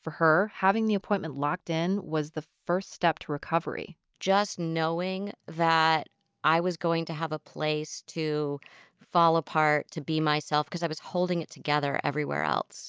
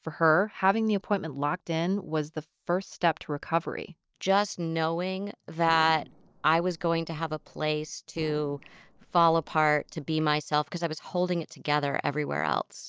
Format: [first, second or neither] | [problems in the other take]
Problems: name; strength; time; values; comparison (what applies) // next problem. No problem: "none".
first | noise reduction (neural separator model SepFormer DNS4)